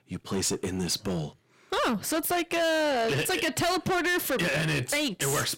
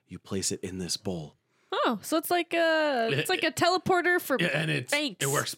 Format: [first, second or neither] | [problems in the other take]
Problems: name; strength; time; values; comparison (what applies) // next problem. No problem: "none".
second | distortion; heavy; 7 dB below the speech